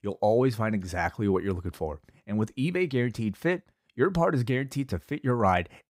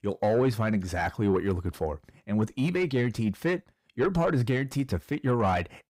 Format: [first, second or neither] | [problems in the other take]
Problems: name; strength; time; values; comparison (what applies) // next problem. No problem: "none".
first | distortion; slight; 10 dB below the speech